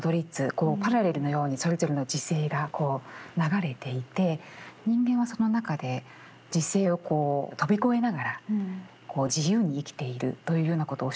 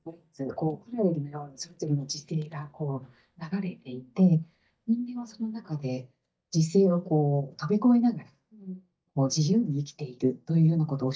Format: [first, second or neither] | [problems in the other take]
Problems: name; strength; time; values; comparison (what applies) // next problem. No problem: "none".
first | noise reduction (neural mask model DeepFilterNet 3)